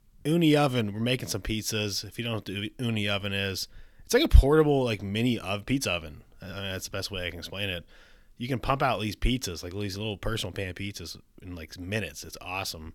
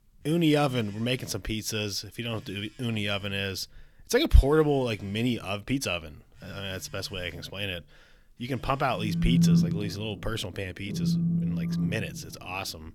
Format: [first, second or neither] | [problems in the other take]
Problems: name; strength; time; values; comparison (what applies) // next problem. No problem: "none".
first | alarms or sirens; very loud; throughout; 2 dB above the speech